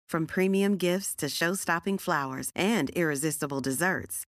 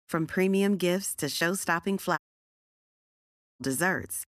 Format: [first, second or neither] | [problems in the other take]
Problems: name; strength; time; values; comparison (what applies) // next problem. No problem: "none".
first | audio cutting out; at 2 s for 1.5 s